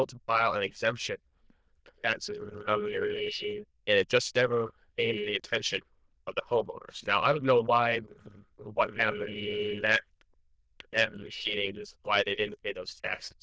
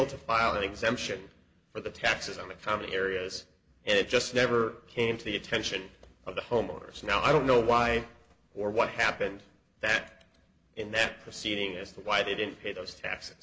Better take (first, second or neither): second